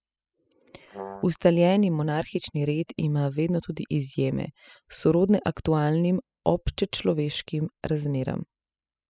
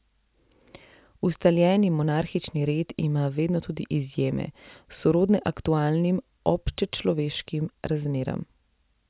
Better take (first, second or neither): second